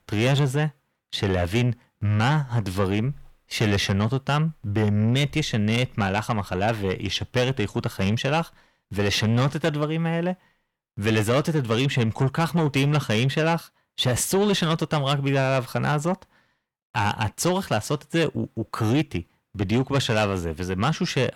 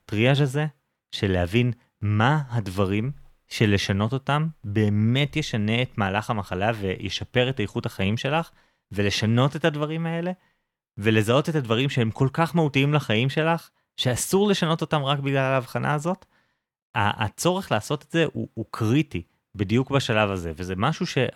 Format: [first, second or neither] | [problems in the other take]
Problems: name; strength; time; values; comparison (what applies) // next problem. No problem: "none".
second | distortion; slight; 10 dB below the speech